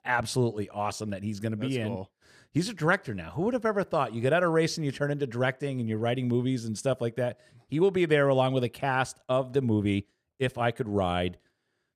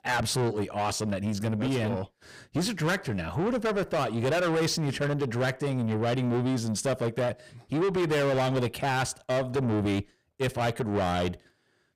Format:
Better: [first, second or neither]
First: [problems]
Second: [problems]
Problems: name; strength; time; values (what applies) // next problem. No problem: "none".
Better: first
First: none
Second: distortion; heavy; 6 dB below the speech